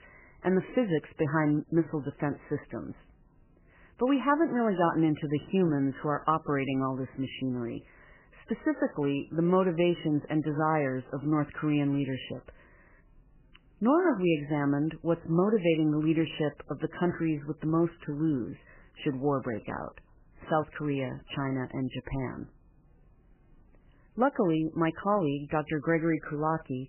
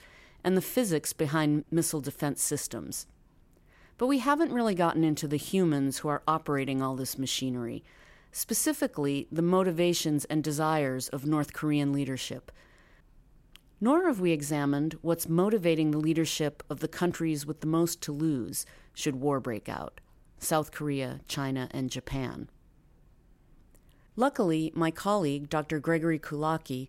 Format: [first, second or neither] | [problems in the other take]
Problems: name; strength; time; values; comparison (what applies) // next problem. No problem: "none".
second | garbled, watery; badly; nothing above 3 kHz